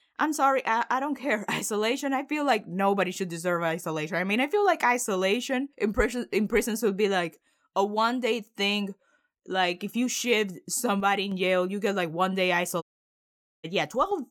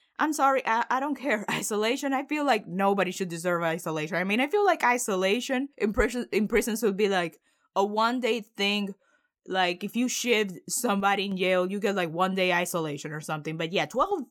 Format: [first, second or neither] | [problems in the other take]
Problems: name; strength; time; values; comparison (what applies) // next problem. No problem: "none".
second | audio cutting out; at 13 s for 1 s